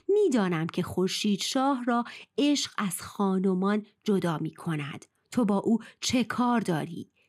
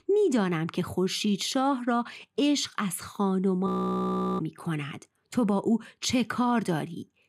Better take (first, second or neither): first